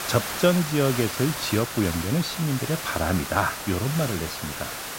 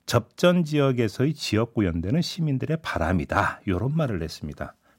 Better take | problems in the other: second | hiss; loud; throughout; 5 dB below the speech

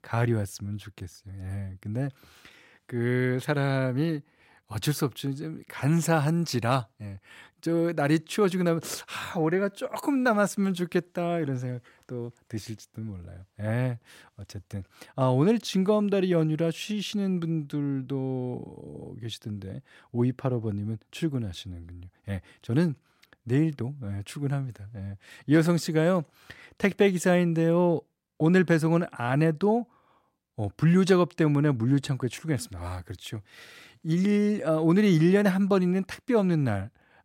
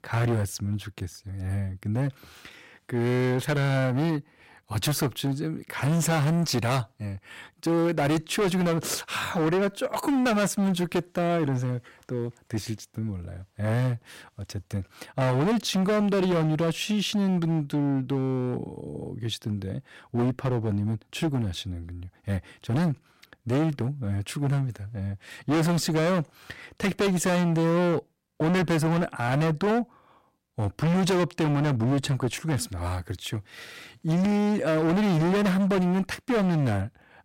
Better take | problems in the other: first | distortion; heavy; 18% of the sound clipped

